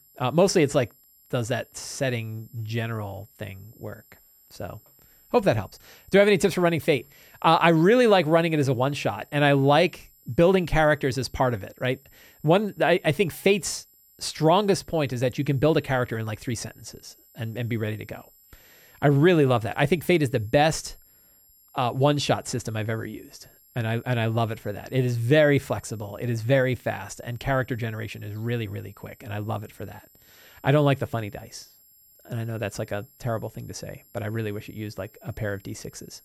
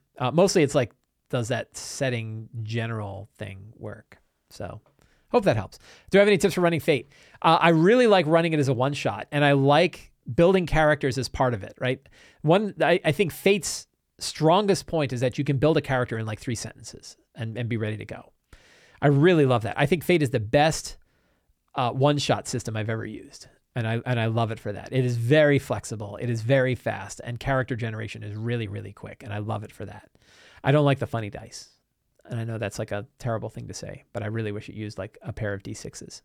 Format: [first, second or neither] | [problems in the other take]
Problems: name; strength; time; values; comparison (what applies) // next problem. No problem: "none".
second | high-pitched whine; faint; throughout; 12 kHz, 30 dB below the speech